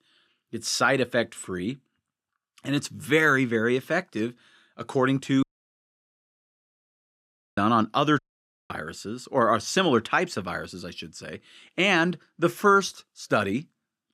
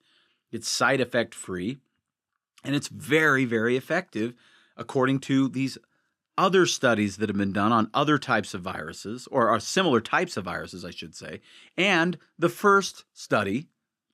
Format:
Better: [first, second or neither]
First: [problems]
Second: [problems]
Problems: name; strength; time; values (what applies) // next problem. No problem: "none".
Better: second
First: audio cutting out; at 5.5 s for 2 s and at 8 s for 0.5 s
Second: none